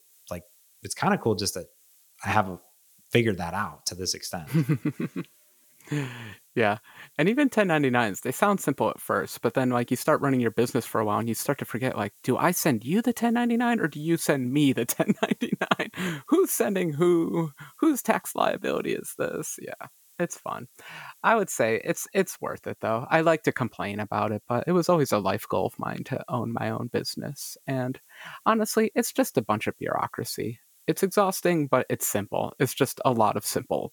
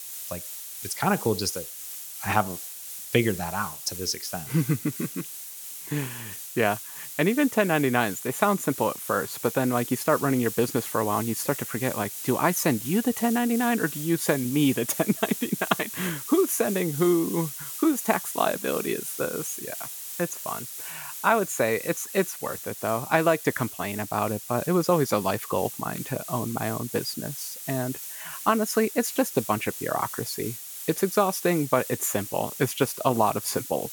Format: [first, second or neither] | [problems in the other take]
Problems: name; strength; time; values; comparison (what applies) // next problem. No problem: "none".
first | hiss; loud; throughout; 8 dB below the speech; faint in the first